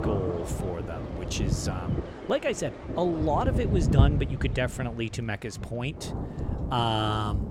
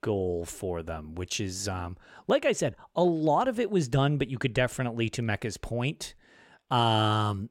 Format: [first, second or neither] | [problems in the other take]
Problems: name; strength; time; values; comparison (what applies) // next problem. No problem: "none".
second | rain or running water; loud; throughout; 1 dB below the speech